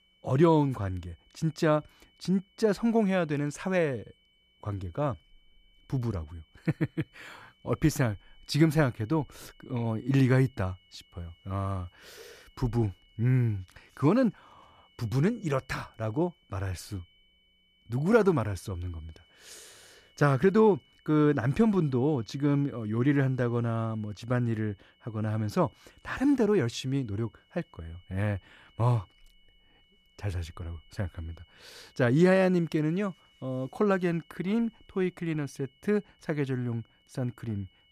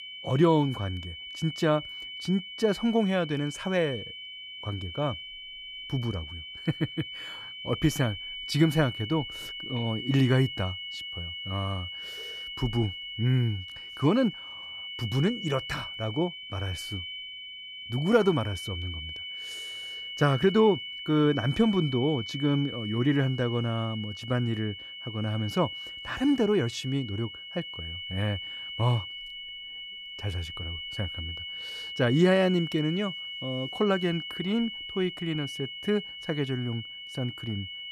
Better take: first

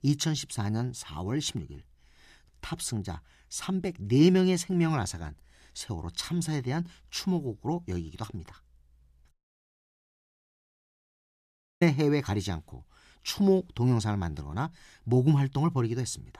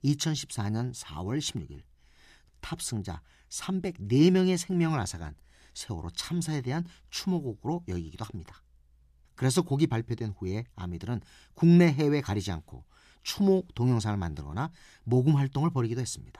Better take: second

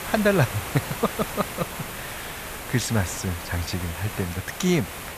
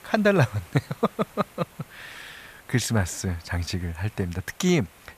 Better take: second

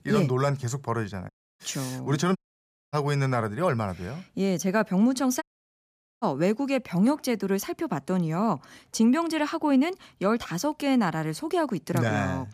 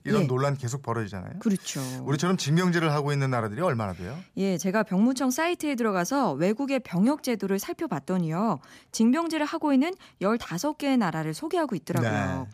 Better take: second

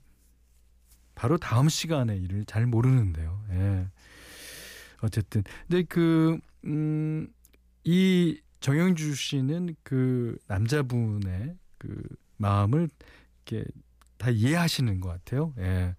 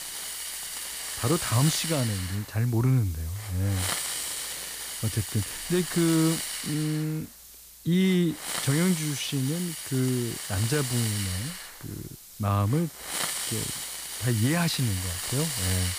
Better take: first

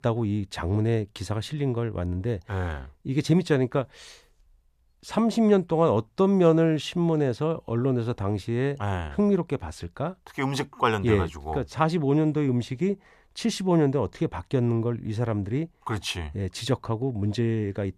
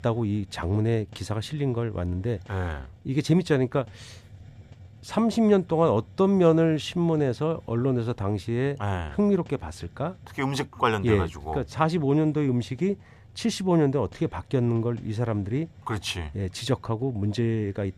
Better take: first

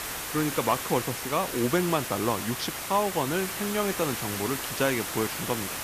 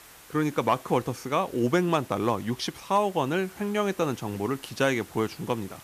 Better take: second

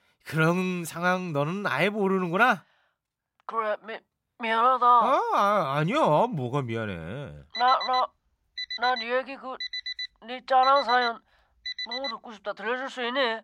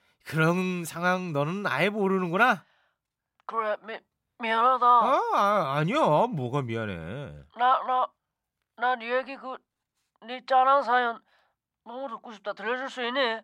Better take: second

